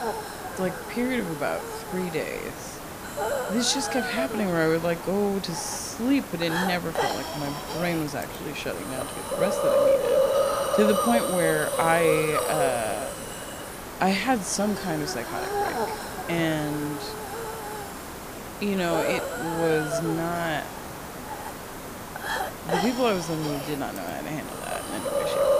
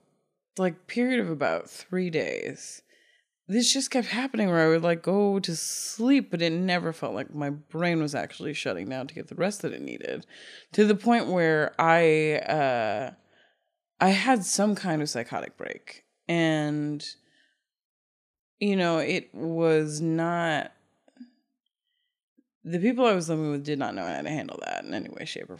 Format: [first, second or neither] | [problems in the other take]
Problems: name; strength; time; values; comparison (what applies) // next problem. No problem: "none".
second | hiss; loud; throughout; 2 dB below the speech